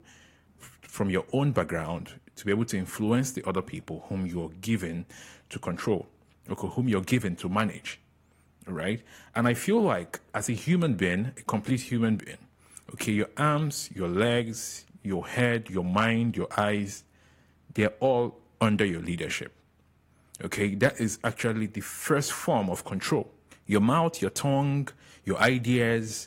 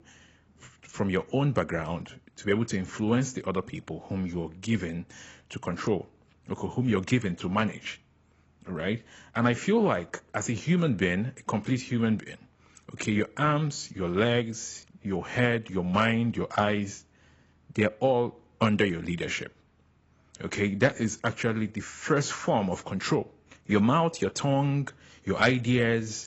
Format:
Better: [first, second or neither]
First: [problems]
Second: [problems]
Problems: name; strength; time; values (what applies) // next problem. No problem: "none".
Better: first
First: garbled, watery; slightly; nothing above 16 kHz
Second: garbled, watery; badly; nothing above 8 kHz